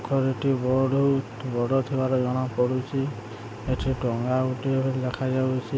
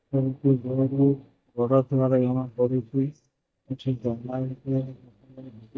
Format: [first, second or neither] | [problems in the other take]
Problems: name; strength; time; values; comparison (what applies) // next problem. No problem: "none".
first | noise reduction (neural mask model DeepFilterNet 3)